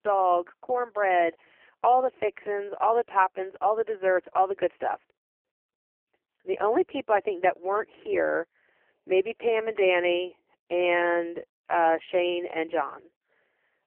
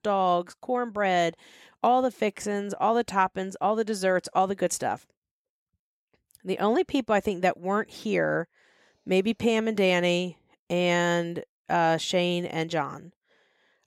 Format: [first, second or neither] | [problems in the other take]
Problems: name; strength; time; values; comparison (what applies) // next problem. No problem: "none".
second | phone-call audio; poor line; nothing above 3 kHz